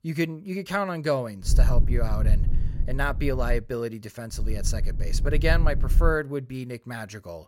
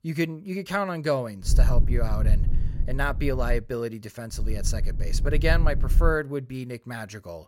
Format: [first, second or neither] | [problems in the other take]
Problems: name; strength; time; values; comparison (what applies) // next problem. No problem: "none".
neither | low rumble; noticeable; from 1.5 to 3.5 s and from 4.5 to 6 s; 15 dB below the speech; the same in both